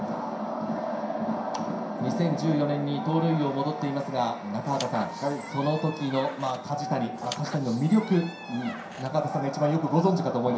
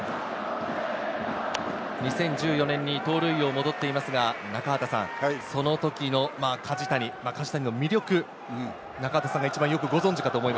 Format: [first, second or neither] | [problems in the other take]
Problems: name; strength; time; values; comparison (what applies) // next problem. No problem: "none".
second | background sound (Squeak); 15 dB below the speech // room echo; dies away in 0.5 s